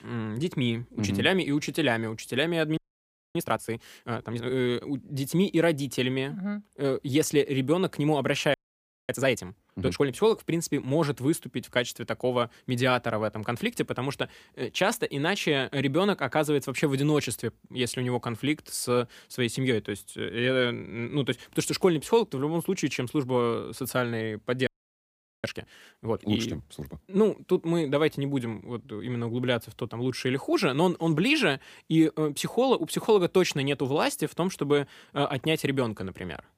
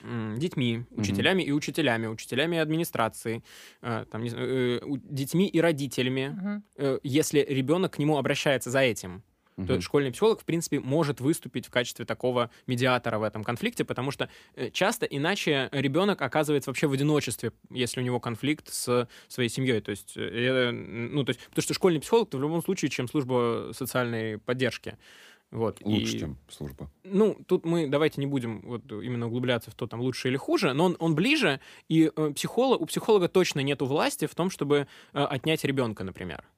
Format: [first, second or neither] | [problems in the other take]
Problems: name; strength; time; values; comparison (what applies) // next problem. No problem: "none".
second | audio freezing; at 3 s for 0.5 s, at 8.5 s for 0.5 s and at 25 s for 1 s